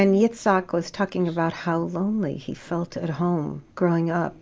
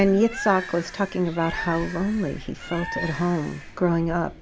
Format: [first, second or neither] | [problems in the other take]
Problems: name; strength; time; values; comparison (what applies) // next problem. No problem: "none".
first | background sound (Bird); 11 dB below the speech